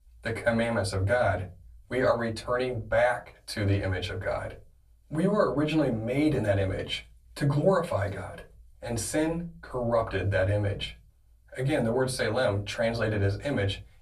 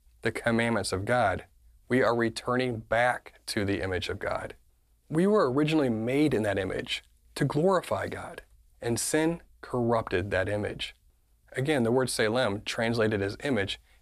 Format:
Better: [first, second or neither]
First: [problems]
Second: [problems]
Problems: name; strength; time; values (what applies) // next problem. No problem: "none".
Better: second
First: off-mic speech; far // room echo; very slight; dies away in 0.3 s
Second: none